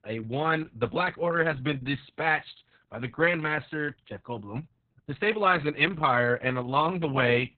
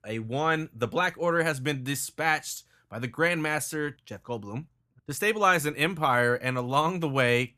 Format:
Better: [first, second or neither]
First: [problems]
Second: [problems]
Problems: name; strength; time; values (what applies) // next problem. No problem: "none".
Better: second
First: garbled, watery; badly; nothing above 4 kHz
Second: none